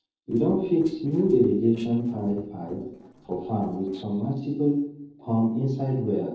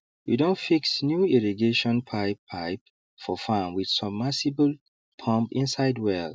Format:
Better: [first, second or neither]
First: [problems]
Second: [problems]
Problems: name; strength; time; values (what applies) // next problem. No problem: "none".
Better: second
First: noise reduction (neural separator model SepFormer DNS4)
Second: none